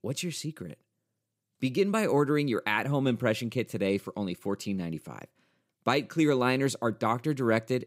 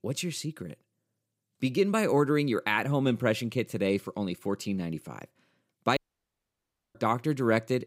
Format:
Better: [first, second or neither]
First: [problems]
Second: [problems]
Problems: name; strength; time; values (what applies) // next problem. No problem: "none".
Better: first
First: none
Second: audio cutting out; at 6 s for 1 s